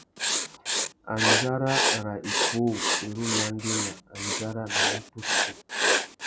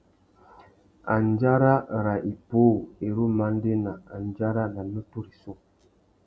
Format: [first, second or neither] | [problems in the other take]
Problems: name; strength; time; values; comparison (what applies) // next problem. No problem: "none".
second | background sound (Writing); 5 dB above the speech